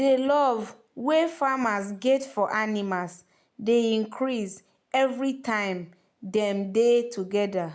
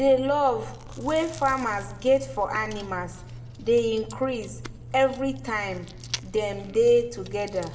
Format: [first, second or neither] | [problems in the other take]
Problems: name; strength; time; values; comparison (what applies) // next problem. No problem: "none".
first | background sound (Chewing, mastication); 14 dB below the speech // room echo; dies away in 0.7 s